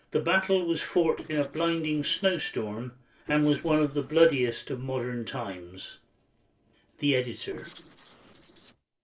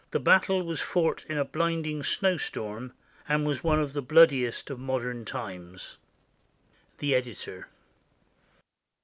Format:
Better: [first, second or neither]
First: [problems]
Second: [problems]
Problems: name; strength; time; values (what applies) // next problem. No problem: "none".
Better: second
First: noise reduction (neural separator model SepFormer DNS4)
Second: none